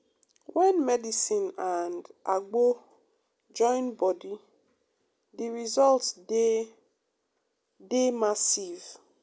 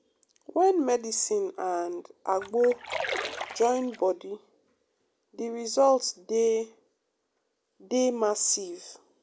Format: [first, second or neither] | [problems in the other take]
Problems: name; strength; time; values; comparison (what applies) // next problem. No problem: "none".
first | background sound (Splash, splatter); 8 dB below the speech